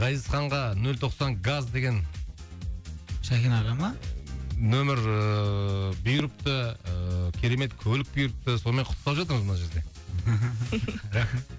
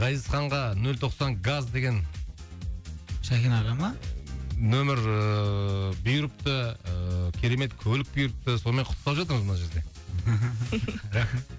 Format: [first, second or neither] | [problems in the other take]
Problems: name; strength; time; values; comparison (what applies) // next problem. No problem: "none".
second | background sound (Fireworks); 17 dB below the speech